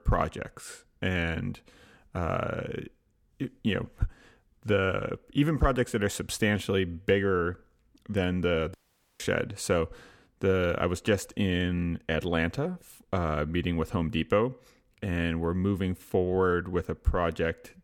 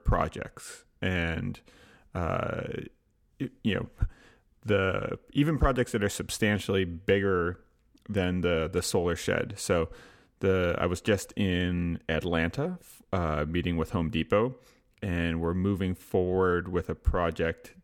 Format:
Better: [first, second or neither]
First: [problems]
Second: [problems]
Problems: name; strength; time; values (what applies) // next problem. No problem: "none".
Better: second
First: audio cutting out; at 8.5 s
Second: none